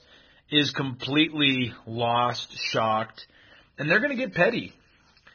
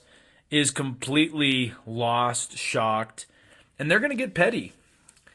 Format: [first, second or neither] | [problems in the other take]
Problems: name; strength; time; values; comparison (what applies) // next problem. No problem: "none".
second | garbled, watery; badly; nothing above 6 kHz; slightly in the second